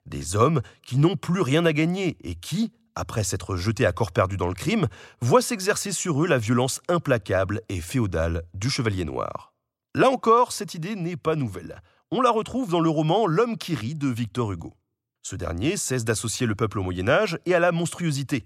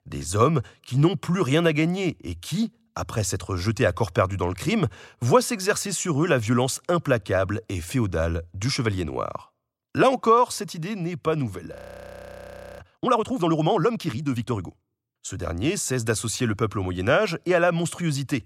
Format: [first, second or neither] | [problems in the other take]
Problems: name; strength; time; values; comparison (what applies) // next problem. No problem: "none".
first | audio freezing; at 12 s for 1 s